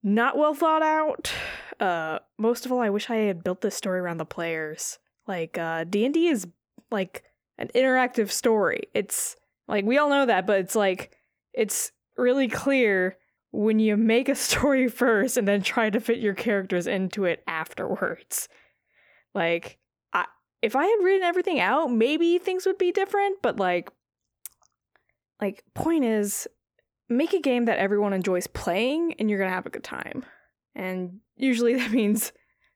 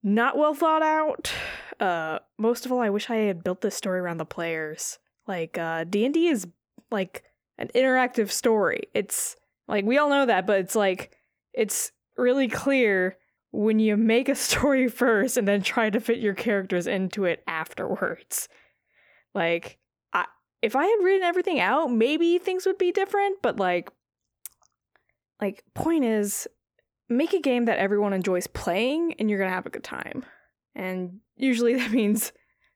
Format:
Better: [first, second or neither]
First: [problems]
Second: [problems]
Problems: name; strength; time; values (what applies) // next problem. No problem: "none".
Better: neither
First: none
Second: none